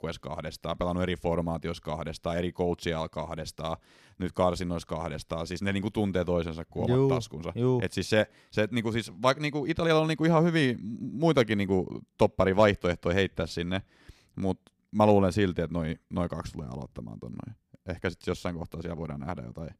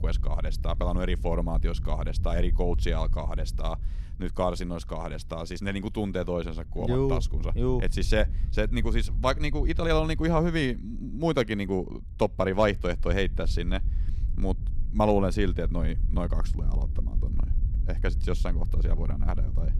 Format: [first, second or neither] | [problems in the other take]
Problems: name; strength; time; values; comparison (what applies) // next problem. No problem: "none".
first | wind noise on the microphone; occasional gusts; 20 dB below the speech